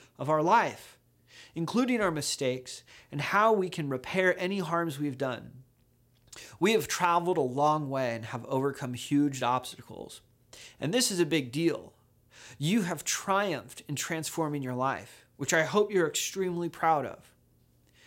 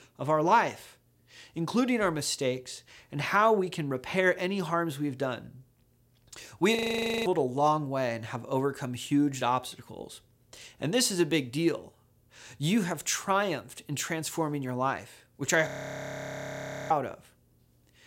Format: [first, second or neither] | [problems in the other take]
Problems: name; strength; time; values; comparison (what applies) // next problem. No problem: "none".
first | audio freezing; at 7 s for 0.5 s and at 16 s for 1 s